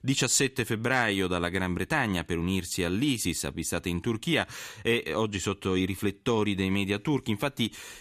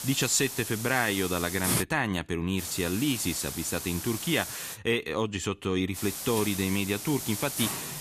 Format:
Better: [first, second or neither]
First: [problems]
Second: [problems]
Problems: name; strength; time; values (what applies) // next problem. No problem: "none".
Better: first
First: none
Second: hiss; loud; until 2 s, from 2.5 to 5 s and from 6 s on; 5 dB below the speech